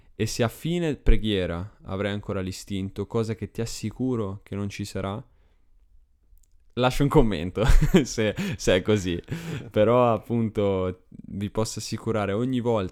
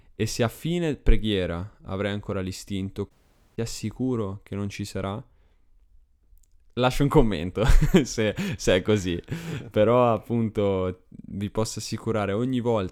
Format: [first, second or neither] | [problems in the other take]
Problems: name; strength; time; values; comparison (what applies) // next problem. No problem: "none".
first | audio cutting out; at 3 s